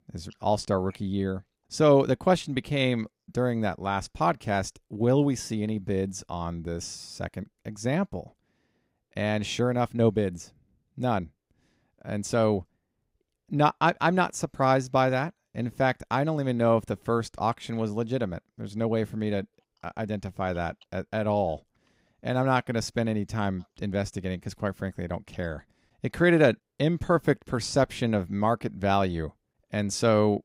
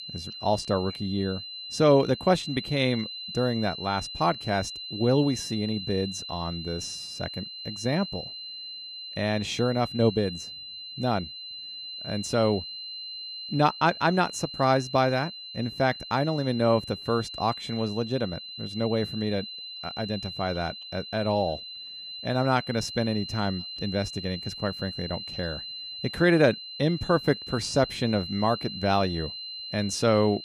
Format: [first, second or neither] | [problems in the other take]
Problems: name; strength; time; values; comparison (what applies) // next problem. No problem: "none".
first | high-pitched whine; loud; throughout; 4 kHz, 9 dB below the speech